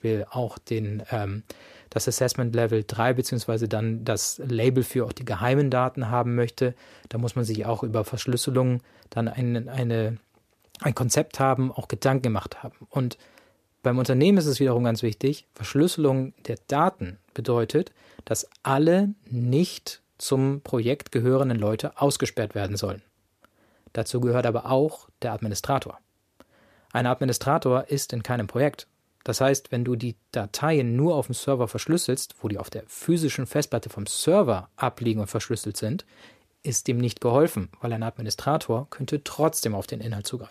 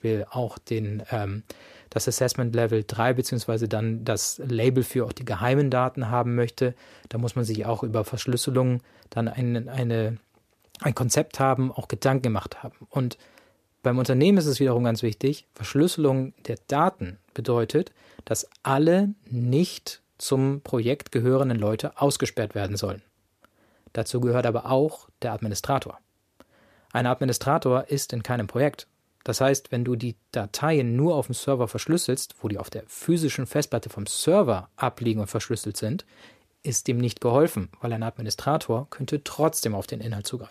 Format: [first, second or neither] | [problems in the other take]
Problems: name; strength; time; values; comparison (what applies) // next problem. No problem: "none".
neither | none